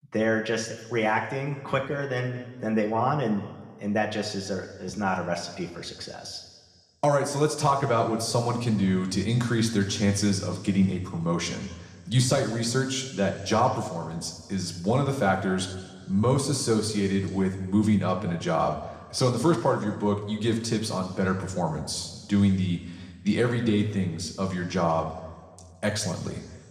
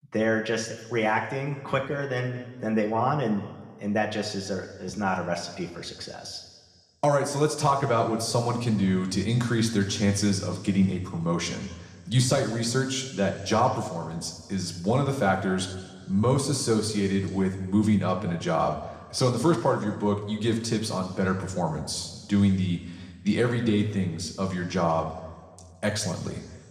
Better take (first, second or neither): neither